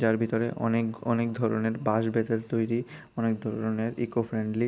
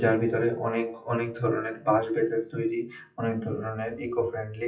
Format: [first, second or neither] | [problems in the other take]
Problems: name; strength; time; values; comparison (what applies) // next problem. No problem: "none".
first | noise reduction (classical method WPE with log-MMSE)